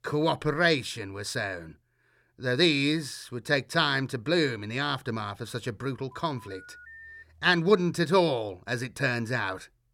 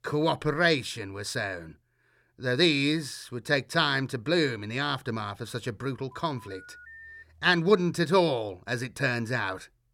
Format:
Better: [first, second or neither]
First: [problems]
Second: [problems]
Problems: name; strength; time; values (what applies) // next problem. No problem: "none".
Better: neither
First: phone ringing; faint; from 6 to 7 s; peak 20 dB below the speech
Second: phone ringing; faint; from 6 to 7 s; peak 20 dB below the speech